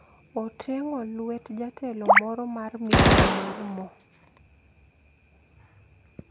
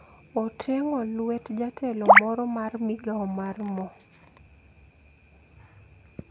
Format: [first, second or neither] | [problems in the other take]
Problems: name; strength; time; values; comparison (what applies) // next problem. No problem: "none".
second | background sound (Gunshot, gunfire); 5 dB above the speech